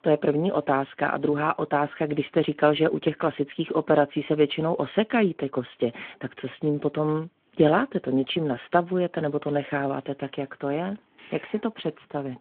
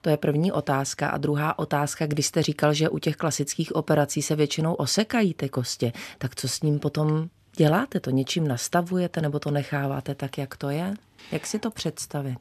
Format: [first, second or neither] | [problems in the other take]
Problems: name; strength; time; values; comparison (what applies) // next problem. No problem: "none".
second | phone-call audio